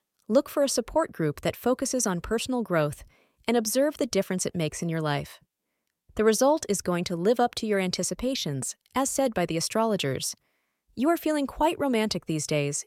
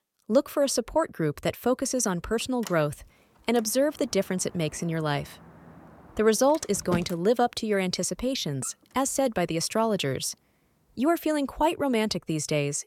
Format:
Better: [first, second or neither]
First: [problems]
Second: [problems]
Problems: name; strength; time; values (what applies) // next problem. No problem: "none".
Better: first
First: none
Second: door banging; noticeable; from 2.5 to 8.5 s; peak 8 dB below the speech